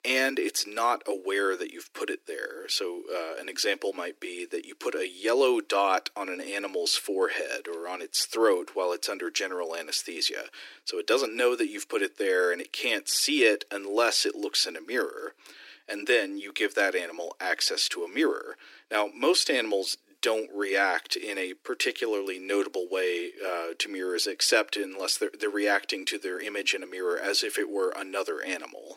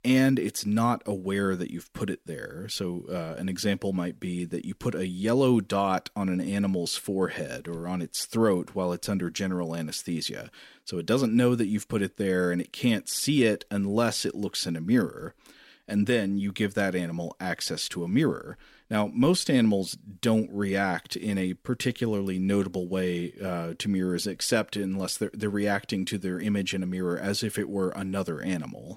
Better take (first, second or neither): second